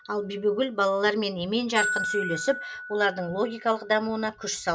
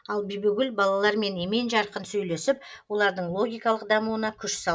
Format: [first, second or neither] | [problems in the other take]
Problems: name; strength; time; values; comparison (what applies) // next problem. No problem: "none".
second | background sound (Glockenspiel); 9 dB below the speech